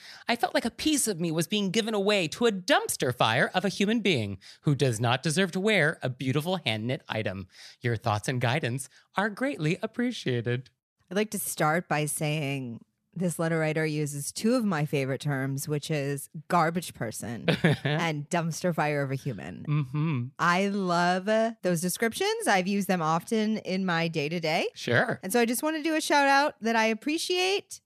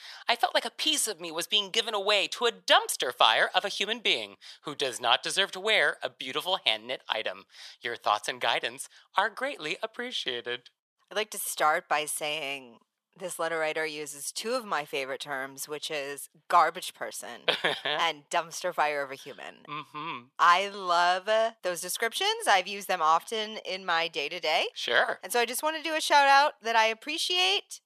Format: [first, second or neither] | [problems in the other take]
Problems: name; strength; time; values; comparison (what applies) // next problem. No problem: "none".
first | thin; very; fading below 600 Hz